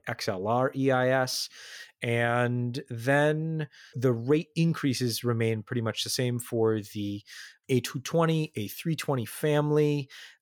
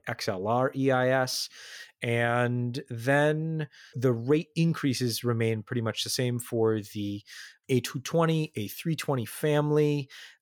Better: neither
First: none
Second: none

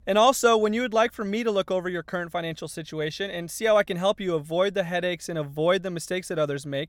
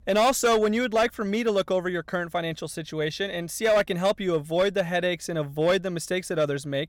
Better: first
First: none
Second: distortion; slight; 5% of the sound clipped

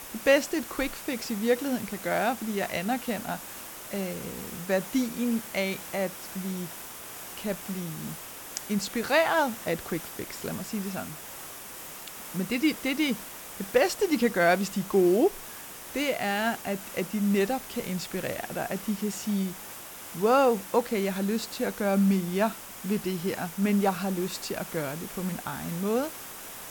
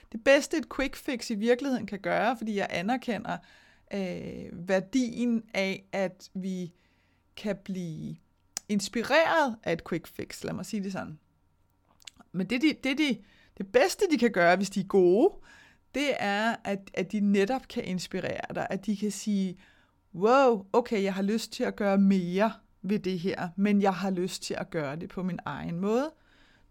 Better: second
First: hiss; noticeable; throughout; 10 dB below the speech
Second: none

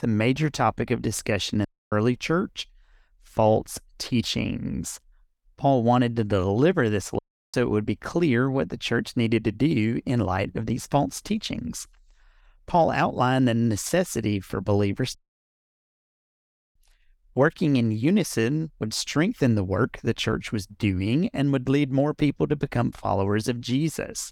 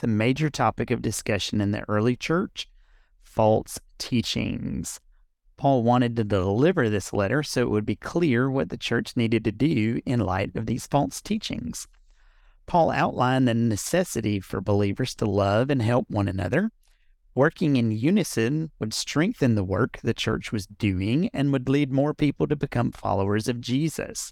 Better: second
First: audio cutting out; at 1.5 s, at 7 s and at 15 s for 1.5 s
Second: none

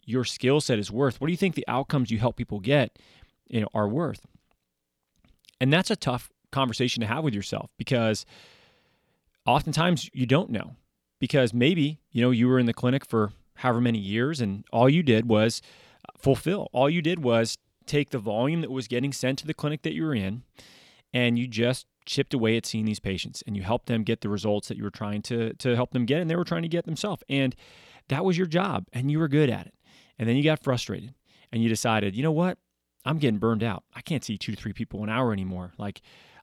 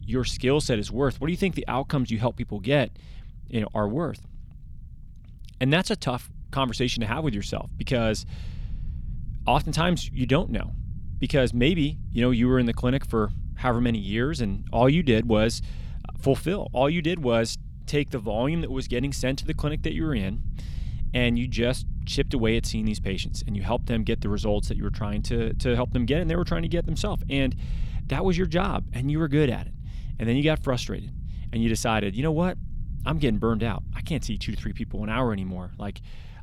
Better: first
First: none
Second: low rumble; faint; throughout; 25 dB below the speech

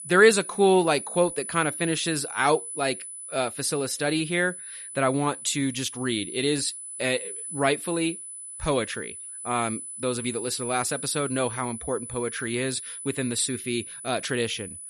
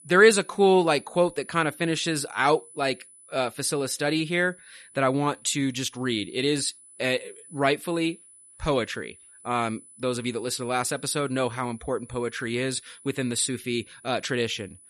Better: second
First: high-pitched whine; loud; throughout; 10 kHz, 9 dB below the speech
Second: high-pitched whine; faint; throughout; 10 kHz, 20 dB below the speech

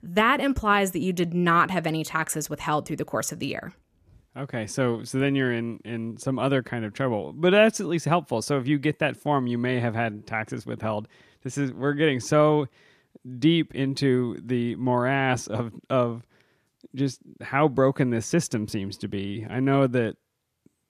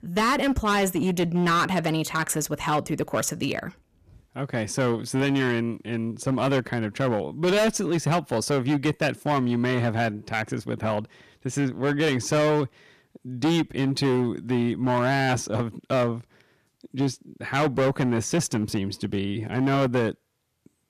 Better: first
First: none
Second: distortion; heavy; 12% of the sound clipped

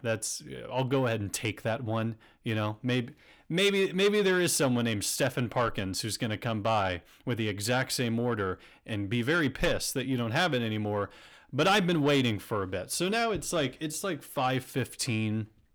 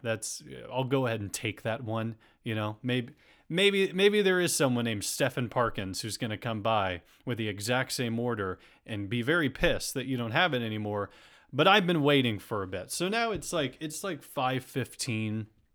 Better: second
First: distortion; slight; 10 dB below the speech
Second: none

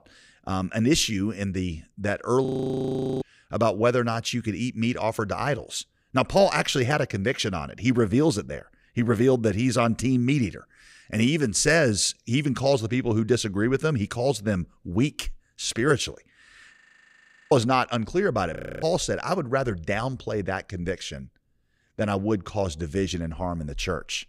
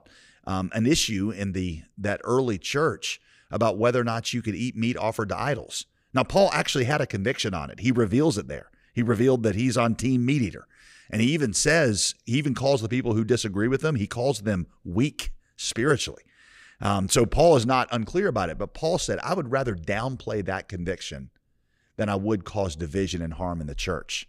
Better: second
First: audio freezing; at 2.5 s for 1 s, at 17 s for 1 s and at 19 s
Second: none

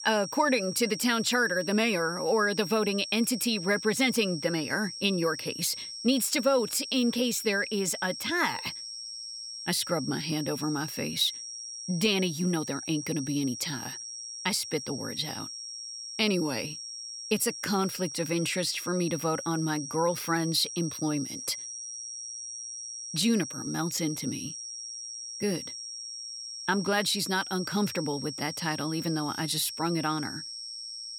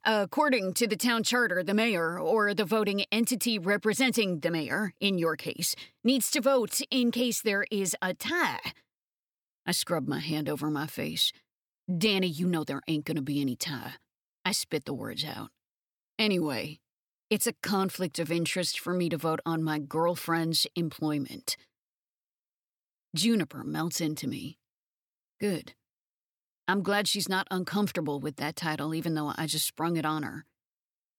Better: second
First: high-pitched whine; loud; throughout; 5.5 kHz, 8 dB below the speech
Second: none

